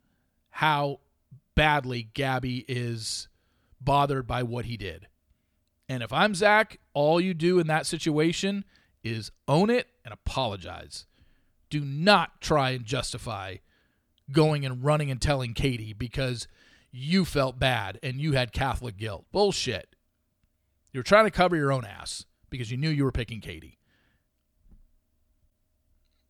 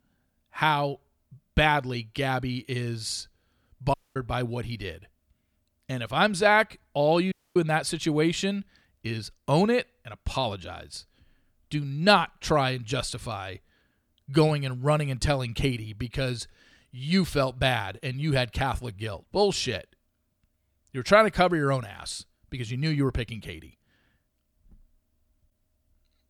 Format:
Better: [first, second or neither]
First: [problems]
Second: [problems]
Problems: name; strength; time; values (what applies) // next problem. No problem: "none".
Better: first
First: none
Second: audio cutting out; at 4 s and at 7.5 s